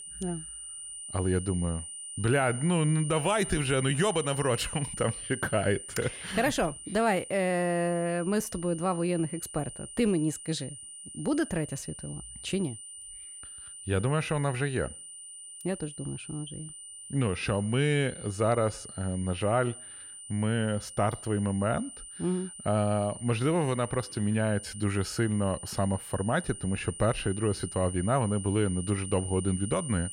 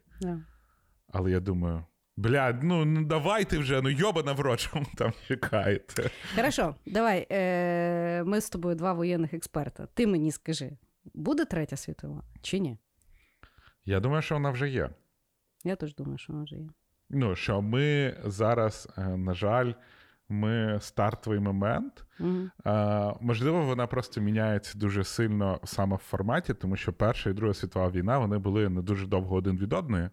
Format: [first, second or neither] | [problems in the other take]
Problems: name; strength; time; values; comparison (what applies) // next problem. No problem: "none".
second | high-pitched whine; noticeable; throughout; 9 kHz, 10 dB below the speech